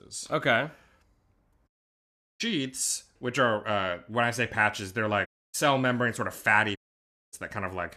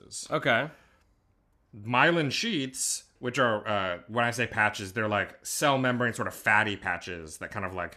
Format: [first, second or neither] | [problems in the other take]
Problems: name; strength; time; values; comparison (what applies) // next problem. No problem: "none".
second | audio cutting out; at 1.5 s for 0.5 s, at 5.5 s and at 7 s for 0.5 s